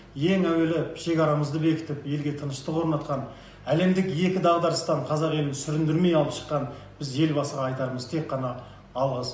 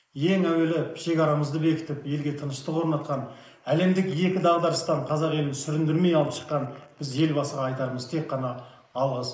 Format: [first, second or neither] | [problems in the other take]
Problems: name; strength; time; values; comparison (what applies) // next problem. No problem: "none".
first | noise reduction (neural mask model Resemble Enhance denoiser)